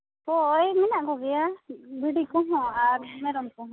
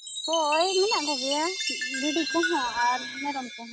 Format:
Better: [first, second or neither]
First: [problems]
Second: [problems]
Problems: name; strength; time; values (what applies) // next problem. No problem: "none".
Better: first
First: none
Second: background sound (Chime); 3 dB below the speech